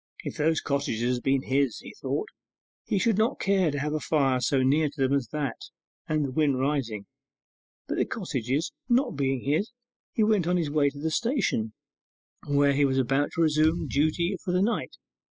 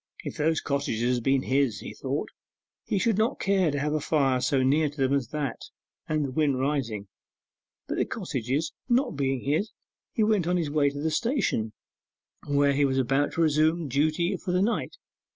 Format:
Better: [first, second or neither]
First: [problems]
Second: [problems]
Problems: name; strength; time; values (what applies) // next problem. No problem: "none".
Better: second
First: noise reduction (classical method spectral subtraction)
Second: none